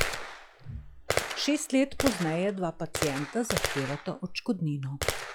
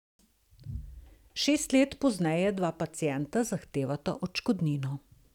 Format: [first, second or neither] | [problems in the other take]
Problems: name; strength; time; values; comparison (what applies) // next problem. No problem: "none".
second | noise reduction (classical method log-MMSE)